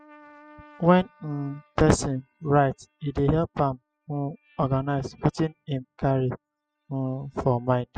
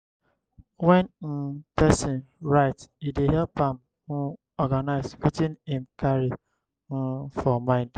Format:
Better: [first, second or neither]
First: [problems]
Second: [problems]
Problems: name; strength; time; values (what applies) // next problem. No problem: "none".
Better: second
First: noise reduction (classical method spectral subtraction)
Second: none